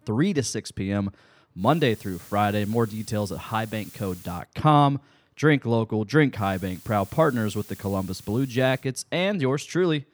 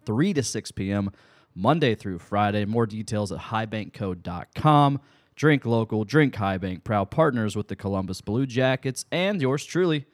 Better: second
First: hiss; faint; from 1.5 to 4.5 s and from 6.5 to 9 s; 20 dB below the speech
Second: none

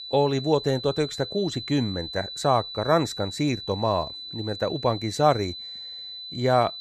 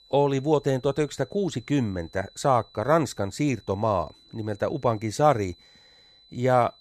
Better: second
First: high-pitched whine; loud; throughout; 4 kHz, 9 dB below the speech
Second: high-pitched whine; faint; throughout; 4 kHz, 30 dB below the speech

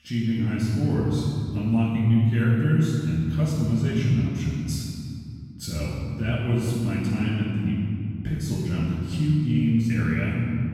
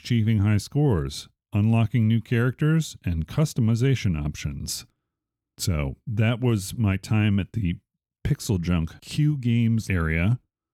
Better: second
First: off-mic speech; far // room echo; strong; dies away in 2.4 s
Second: none

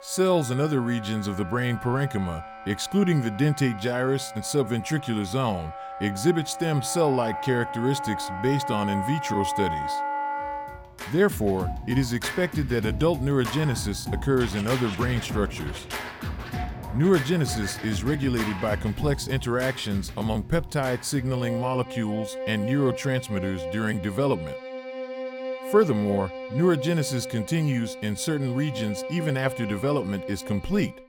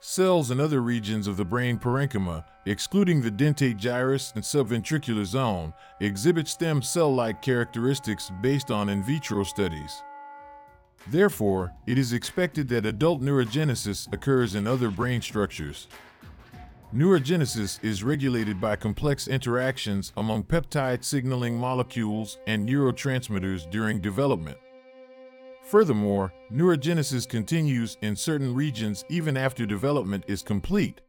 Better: second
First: background music; loud; throughout; 8 dB below the speech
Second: background music; faint; throughout; 25 dB below the speech

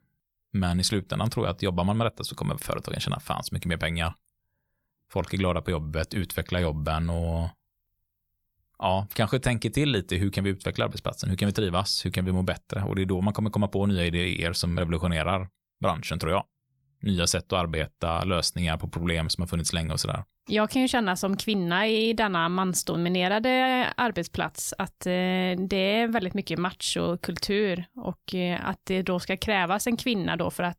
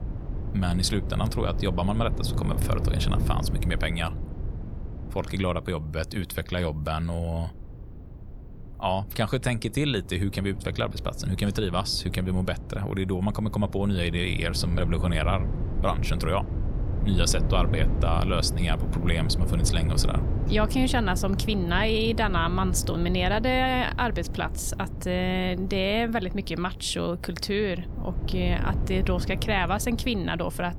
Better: first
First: none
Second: wind noise on the microphone; occasional gusts; 15 dB below the speech

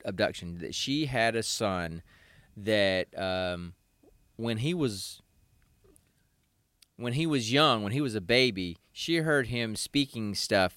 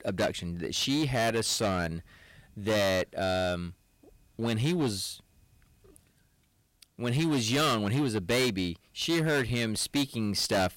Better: first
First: none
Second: distortion; heavy; 12% of the sound clipped

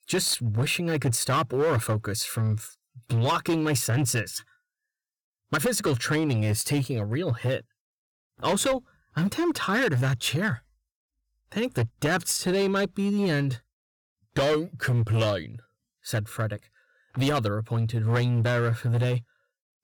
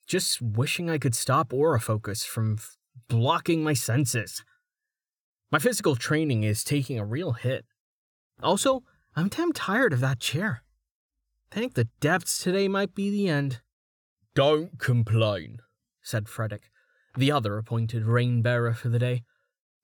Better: second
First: distortion; slight; 10% of the sound clipped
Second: none

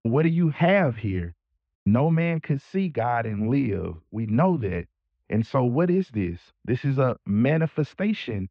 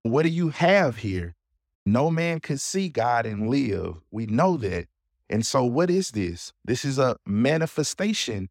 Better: second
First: muffled; very; fading above 3 kHz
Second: none

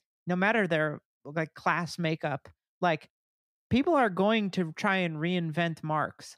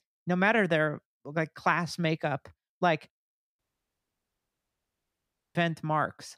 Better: first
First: none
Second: audio cutting out; at 3.5 s for 2 s

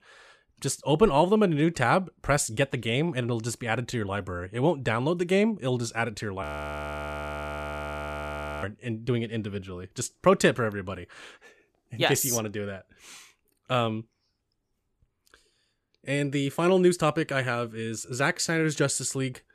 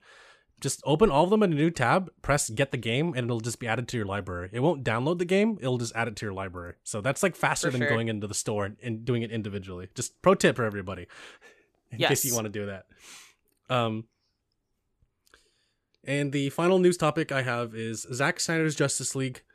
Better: second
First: audio freezing; at 6.5 s for 2 s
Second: none

